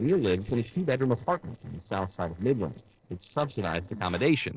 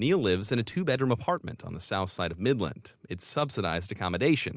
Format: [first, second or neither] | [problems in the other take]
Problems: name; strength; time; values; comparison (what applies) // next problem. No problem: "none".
second | noise reduction (neural separator model SepFormer DNS4)